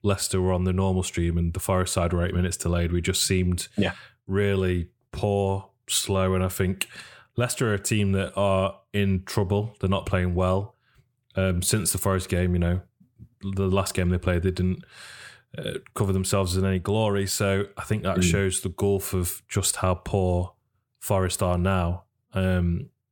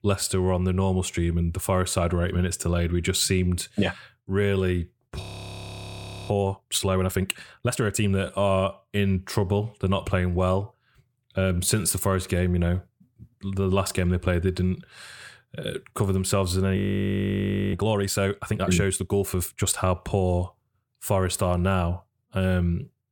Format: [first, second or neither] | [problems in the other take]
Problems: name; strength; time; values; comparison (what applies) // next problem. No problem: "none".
first | audio freezing; at 5 s for 1 s and at 17 s for 1 s